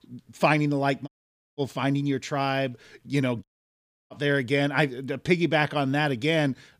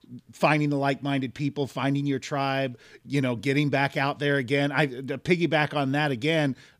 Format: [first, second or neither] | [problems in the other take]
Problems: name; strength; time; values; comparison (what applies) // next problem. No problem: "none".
second | audio cutting out; at 1 s and at 3.5 s for 0.5 s